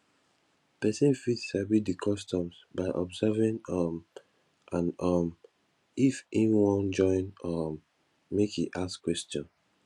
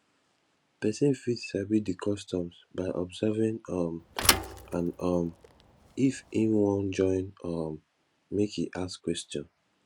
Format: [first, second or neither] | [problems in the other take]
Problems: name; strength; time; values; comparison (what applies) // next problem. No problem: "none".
first | background sound (Thump, thud); 3 dB below the speech